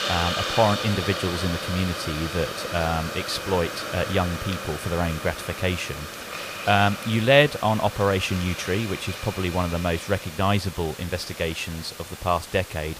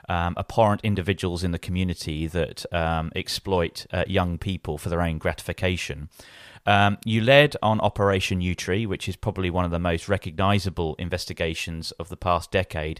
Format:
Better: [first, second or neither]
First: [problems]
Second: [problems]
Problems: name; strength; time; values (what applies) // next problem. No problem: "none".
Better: second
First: hiss; loud; throughout; 7 dB below the speech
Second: none